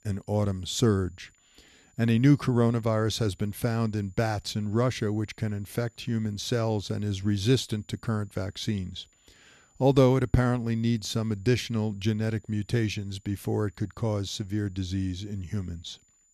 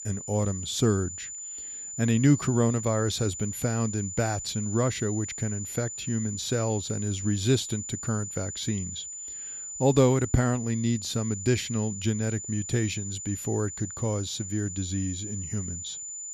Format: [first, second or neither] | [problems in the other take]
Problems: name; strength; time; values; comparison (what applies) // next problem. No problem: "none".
first | high-pitched whine; loud; throughout; 7 kHz, 7 dB below the speech; faint in the first